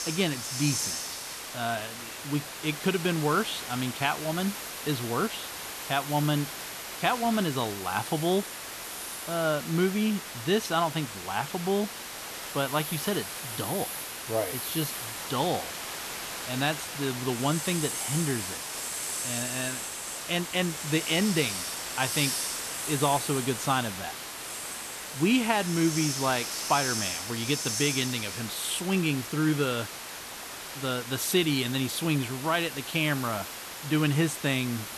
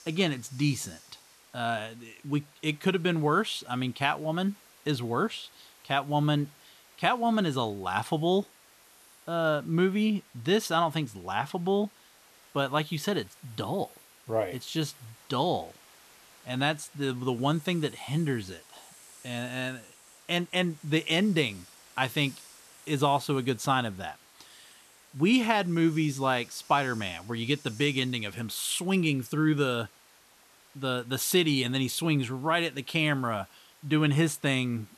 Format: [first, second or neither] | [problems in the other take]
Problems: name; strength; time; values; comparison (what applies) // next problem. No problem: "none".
second | hiss; loud; throughout; 5 dB below the speech; faint in the second